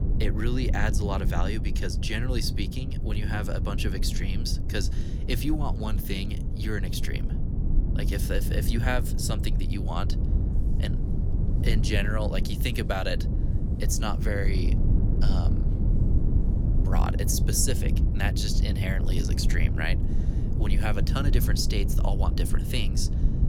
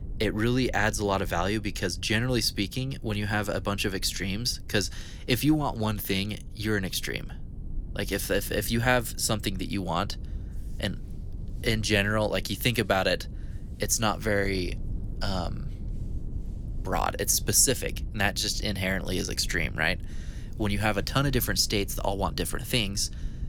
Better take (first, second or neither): second